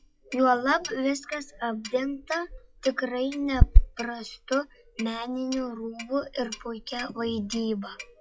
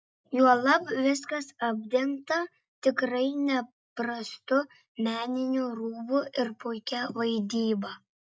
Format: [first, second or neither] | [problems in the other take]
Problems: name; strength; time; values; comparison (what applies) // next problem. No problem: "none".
second | noise reduction (classical method log-MMSE)